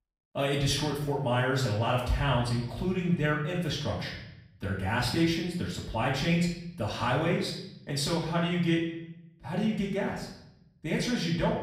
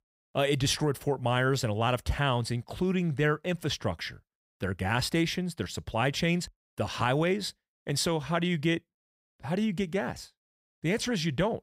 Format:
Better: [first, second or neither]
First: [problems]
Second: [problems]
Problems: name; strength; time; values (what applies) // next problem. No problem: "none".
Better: second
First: off-mic speech; far // room echo; noticeable; dies away in 0.7 s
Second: none